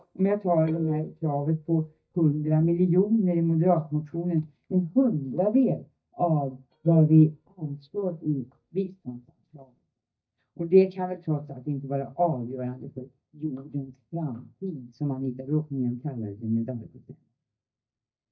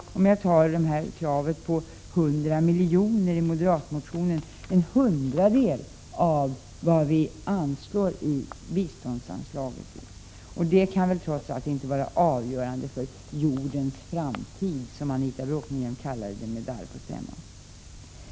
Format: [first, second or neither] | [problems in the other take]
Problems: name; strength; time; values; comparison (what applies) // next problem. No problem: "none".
second | noise reduction (neural mask model DeepFilterNet 3)